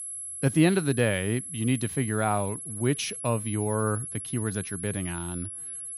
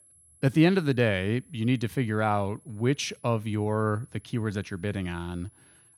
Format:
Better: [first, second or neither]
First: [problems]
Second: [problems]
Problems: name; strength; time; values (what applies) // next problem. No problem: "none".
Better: second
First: high-pitched whine; loud; throughout; 11 kHz, 7 dB below the speech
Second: high-pitched whine; faint; throughout; 11 kHz, 30 dB below the speech